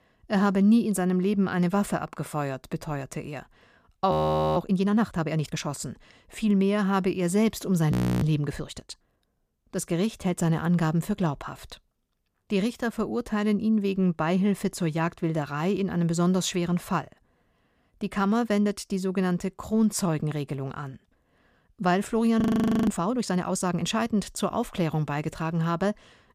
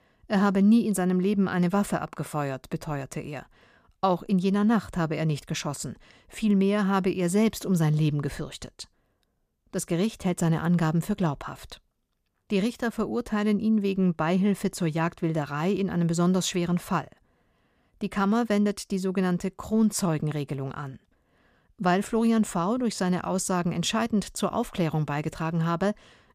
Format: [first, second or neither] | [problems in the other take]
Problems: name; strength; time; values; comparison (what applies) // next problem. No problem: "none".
second | audio freezing; at 4 s, at 8 s and at 22 s